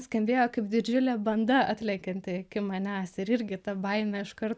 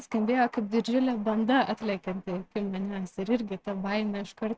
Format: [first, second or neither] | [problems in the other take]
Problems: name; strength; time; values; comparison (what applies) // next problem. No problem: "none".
first | noise reduction (neural mask model RNNoise)